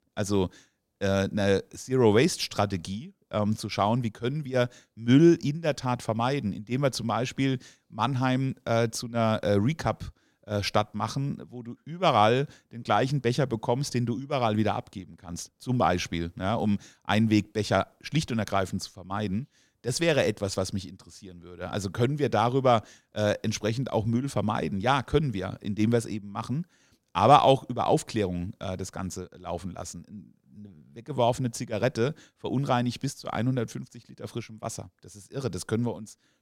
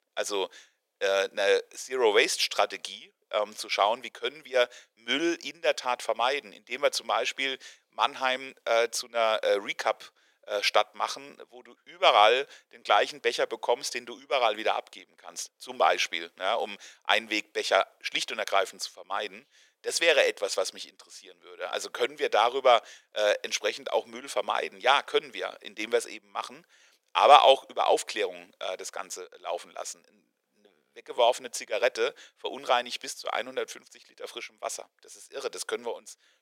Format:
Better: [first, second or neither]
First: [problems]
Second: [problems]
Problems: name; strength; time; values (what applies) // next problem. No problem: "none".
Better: first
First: none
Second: thin; very; fading below 500 Hz